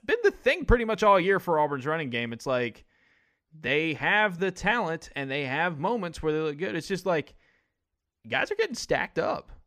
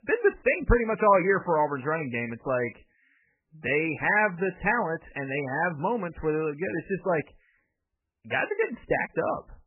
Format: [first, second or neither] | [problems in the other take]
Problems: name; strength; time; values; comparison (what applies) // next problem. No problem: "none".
first | garbled, watery; badly; nothing above 2.5 kHz